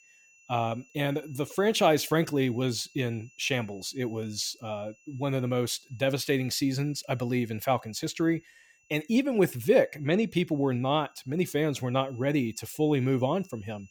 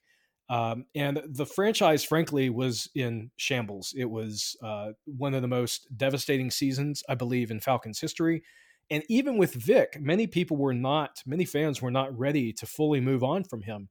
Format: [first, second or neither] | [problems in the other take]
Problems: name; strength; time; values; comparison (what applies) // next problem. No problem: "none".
second | high-pitched whine; faint; throughout; 2.5 kHz, 30 dB below the speech